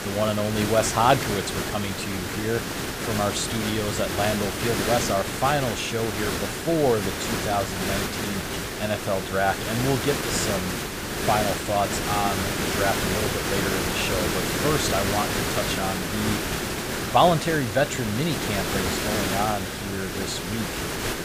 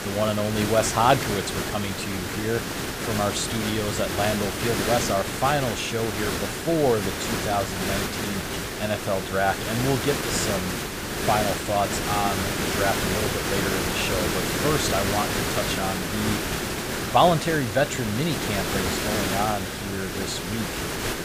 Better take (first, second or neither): neither